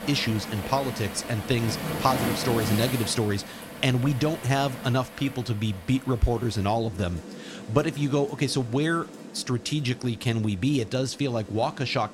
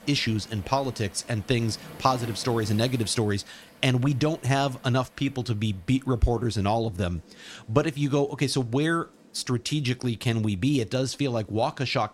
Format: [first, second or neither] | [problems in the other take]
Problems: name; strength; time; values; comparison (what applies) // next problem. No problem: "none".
second | rain or running water; loud; throughout; 9 dB below the speech; faint in the second